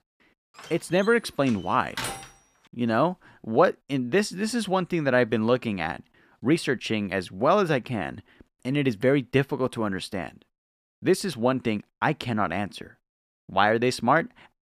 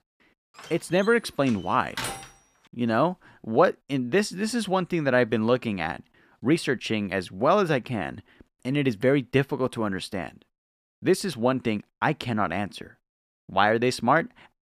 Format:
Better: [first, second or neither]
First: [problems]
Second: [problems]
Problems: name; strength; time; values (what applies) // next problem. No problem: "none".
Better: neither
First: door banging; noticeable; from 0.5 to 2.5 s; peak 7 dB below the speech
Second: door banging; noticeable; from 0.5 to 2.5 s; peak 7 dB below the speech